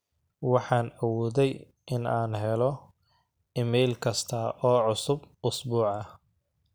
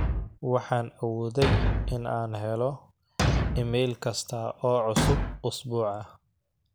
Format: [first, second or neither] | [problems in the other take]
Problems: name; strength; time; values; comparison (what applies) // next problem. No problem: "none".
first | background sound (Thump, thud); as loud as the speech